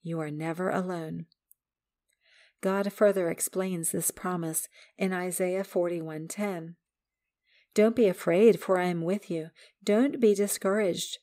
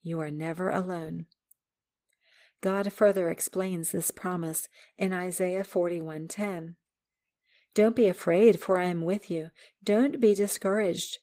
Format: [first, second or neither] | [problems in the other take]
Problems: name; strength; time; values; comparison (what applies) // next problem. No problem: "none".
first | garbled, watery; slightly; nothing above 15.5 kHz